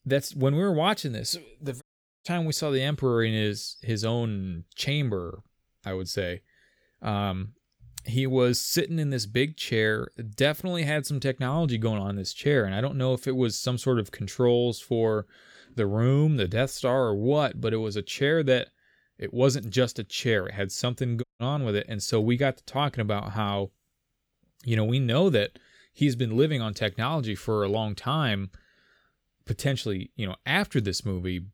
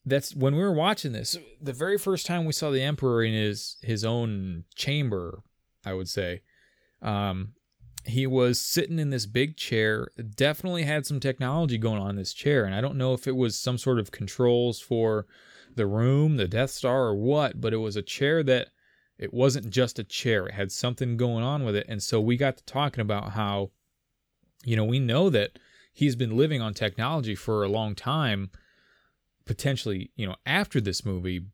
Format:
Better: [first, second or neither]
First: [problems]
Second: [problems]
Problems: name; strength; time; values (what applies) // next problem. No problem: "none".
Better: second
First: audio cutting out; at 2 s and at 21 s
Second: none